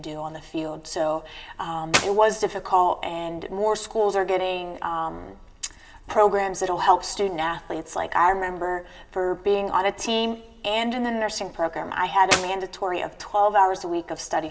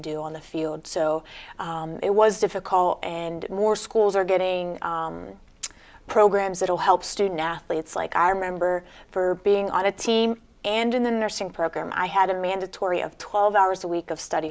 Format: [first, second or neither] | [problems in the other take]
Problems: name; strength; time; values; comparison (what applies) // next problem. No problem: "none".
second | background sound (Clapping); as loud as the speech // room echo; dies away in 0.7 s